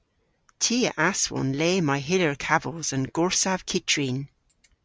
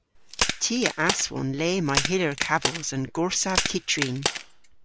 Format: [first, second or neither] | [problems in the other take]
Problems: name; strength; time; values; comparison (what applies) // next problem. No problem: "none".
first | background sound (Crack); 3 dB below the speech